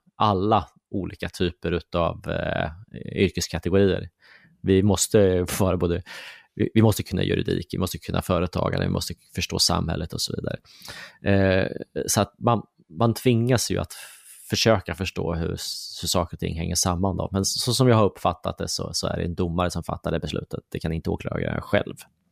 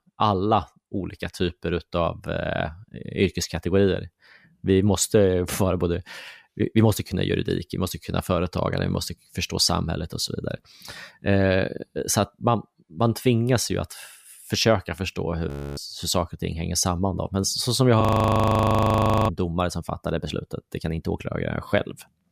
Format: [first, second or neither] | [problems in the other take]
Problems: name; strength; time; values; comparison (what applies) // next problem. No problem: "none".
first | audio freezing; at 15 s and at 18 s for 1.5 s